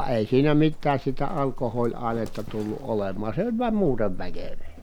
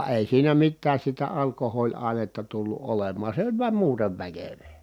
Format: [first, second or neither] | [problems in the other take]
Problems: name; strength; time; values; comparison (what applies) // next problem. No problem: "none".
second | background sound (Livestock, farm animals, working animals); 5 dB below the speech